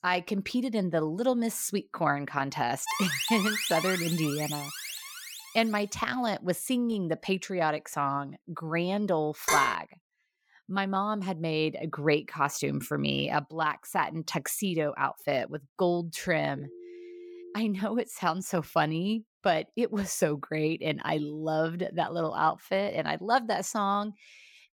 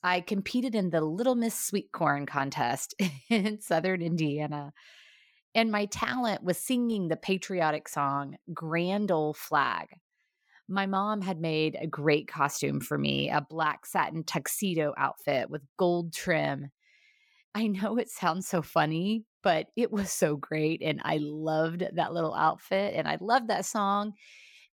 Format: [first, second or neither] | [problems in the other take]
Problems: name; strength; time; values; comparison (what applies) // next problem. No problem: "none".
second | alarm; loud; from 3 to 5.5 s; peak 1 dB above the speech // clattering dishes; loud; at 9.5 s; peak 2 dB above the speech // phone ringing; faint; from 17 to 18 s; peak 15 dB below the speech